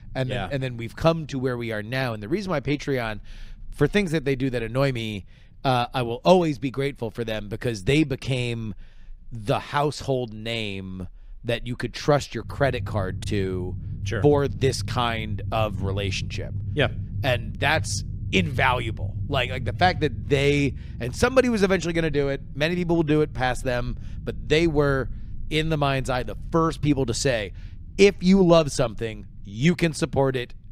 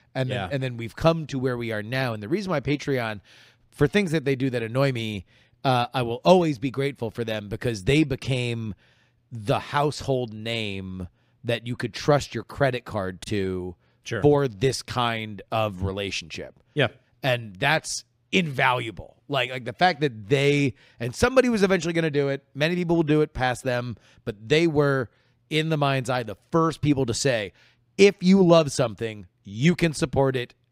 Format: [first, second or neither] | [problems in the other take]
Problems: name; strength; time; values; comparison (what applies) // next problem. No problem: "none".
second | low rumble; faint; throughout; 25 dB below the speech